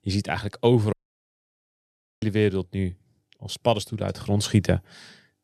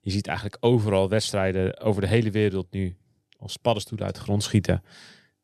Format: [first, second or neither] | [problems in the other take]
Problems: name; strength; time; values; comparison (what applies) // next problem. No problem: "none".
second | audio cutting out; at 1 s for 1.5 s